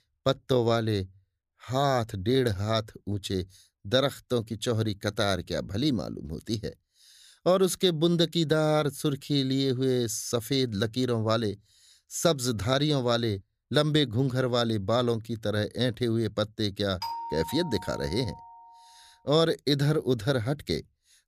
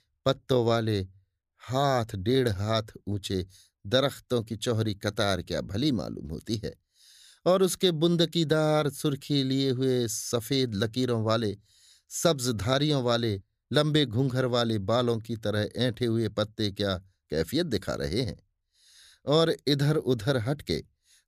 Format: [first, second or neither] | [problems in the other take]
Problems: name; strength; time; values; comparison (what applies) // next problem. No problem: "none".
second | doorbell; noticeable; from 17 to 19 s; peak 7 dB below the speech